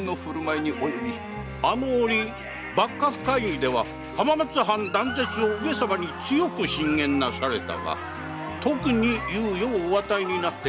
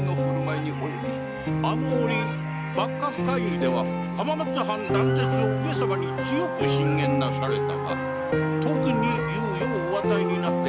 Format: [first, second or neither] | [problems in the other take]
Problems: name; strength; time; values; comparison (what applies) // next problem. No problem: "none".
first | background sound (Piano); 4 dB above the speech